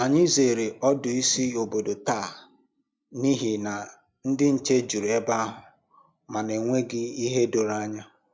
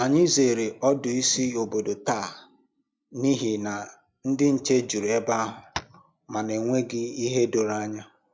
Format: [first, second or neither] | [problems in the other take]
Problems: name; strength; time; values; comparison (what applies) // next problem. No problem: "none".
first | background sound (Tap); 12 dB below the speech